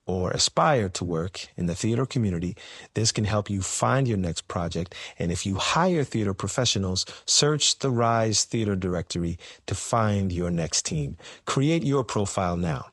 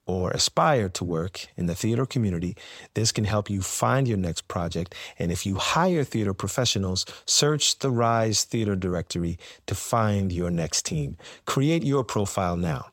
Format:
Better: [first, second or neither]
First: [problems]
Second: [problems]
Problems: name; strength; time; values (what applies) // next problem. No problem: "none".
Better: second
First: garbled, watery; slightly; nothing above 11 kHz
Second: none